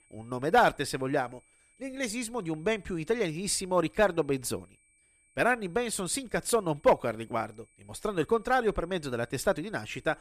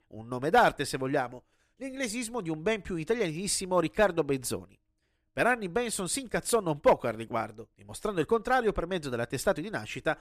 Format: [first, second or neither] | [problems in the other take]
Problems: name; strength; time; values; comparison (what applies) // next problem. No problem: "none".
second | high-pitched whine; faint; throughout; 2.5 kHz, 35 dB below the speech